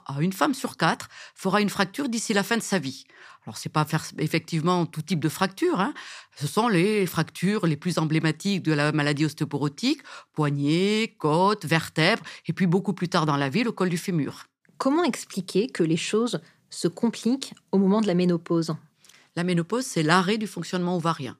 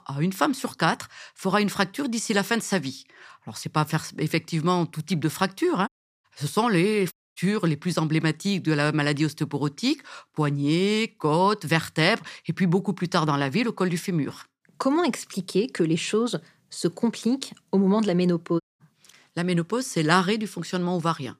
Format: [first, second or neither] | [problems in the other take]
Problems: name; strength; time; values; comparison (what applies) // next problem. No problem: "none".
first | audio cutting out; at 6 s, at 7 s and at 19 s